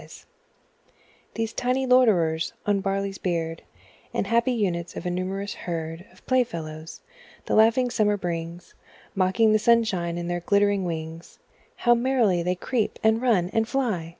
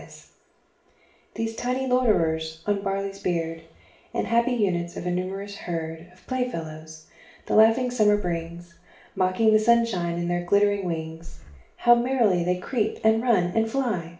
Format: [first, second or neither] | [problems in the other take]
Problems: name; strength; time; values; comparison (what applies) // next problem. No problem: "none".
first | background sound (Breathing); 16 dB below the speech // room echo; dies away in 0.5 s